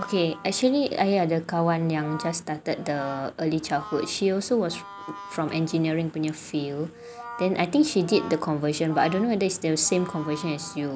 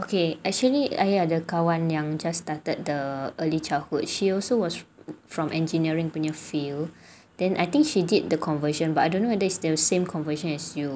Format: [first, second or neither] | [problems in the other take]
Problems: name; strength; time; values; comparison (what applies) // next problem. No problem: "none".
second | background sound (Brass instrument); 17 dB below the speech